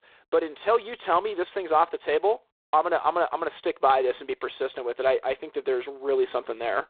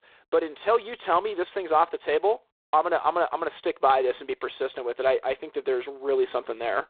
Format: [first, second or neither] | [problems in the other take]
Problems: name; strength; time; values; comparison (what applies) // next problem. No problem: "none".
neither | phone-call audio; poor line; nothing above 3.5 kHz; the same in both